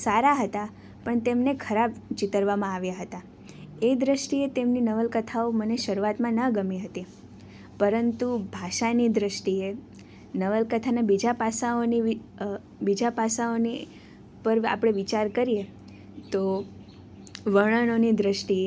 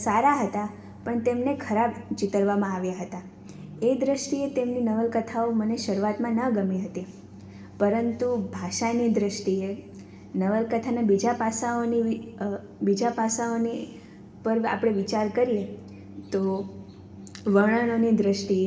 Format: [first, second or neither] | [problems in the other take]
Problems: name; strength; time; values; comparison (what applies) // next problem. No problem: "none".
first | room echo; dies away in 1.2 s